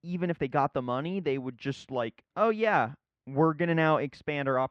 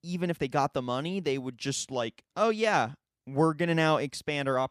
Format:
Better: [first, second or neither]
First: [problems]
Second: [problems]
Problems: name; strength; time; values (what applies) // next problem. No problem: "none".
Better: second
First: muffled; very; fading above 2 kHz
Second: none